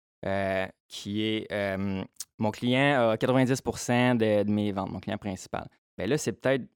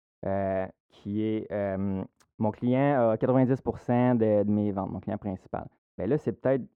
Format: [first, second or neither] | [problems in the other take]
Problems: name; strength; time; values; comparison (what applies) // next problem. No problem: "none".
first | muffled; very; fading above 2.5 kHz